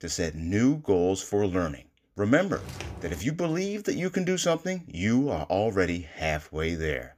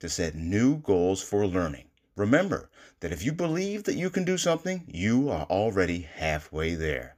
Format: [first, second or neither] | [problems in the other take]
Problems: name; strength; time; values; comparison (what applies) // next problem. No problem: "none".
second | footsteps; faint; at 2.5 s; peak 10 dB below the speech